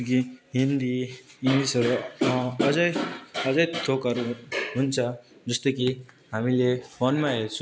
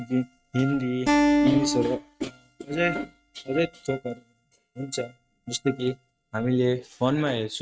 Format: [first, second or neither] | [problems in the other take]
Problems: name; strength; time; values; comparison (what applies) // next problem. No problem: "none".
first | noise reduction (neural mask model RNNoise)